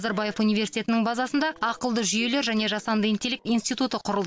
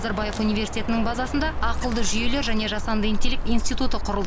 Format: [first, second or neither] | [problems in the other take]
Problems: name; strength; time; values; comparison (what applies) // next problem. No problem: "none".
first | background sound (Bird); 3 dB above the speech